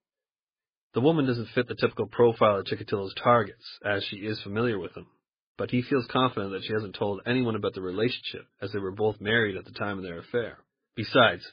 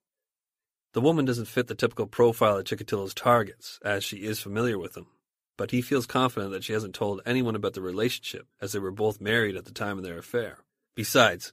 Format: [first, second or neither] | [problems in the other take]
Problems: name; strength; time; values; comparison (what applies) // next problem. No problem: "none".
second | garbled, watery; badly